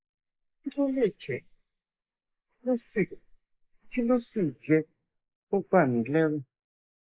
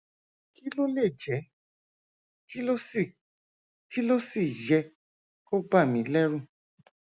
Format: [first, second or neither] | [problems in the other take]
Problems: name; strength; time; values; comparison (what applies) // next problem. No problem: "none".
second | noise reduction (neural mask model Resemble Enhance denoiser)